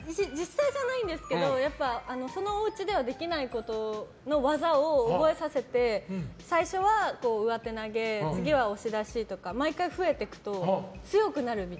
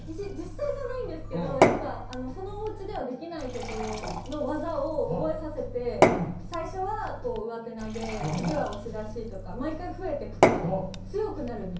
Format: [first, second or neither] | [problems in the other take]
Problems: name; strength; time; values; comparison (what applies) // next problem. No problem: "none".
first | background sound (Fill (with liquid) / Glass / Water); 2 dB above the speech // room echo; dies away in 0.6 s